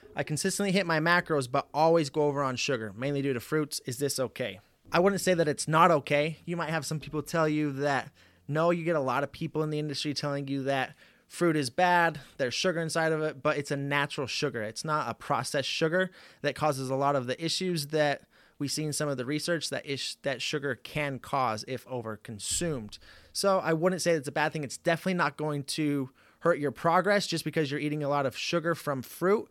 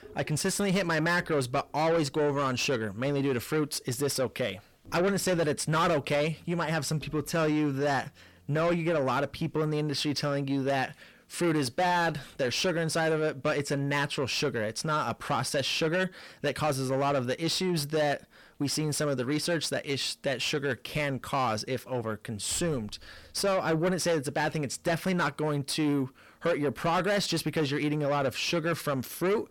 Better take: first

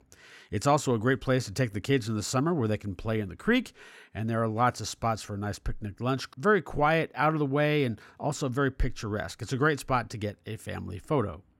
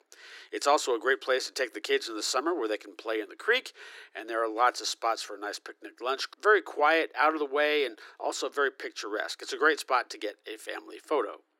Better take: first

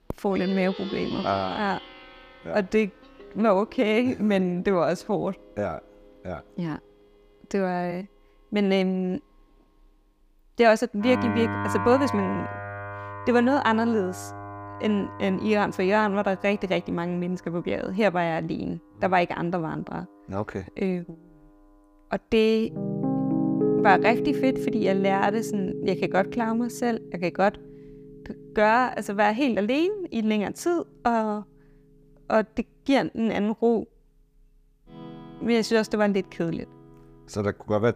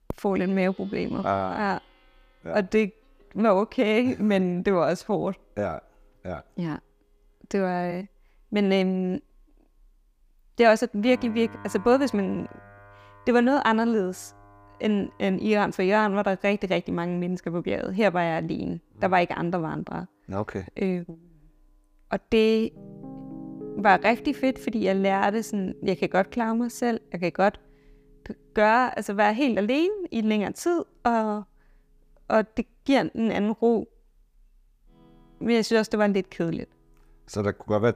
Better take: second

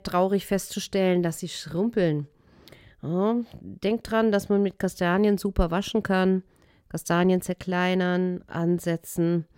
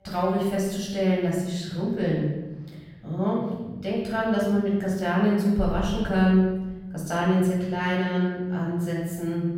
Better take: first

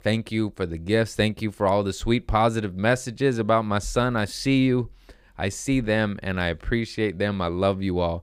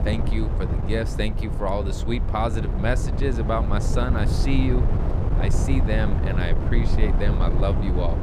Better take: first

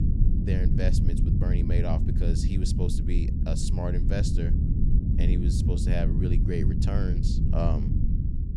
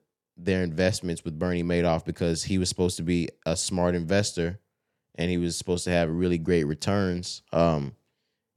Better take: second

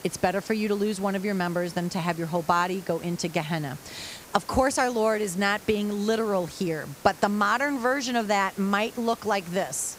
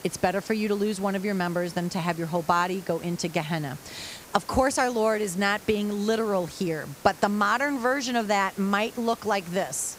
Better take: neither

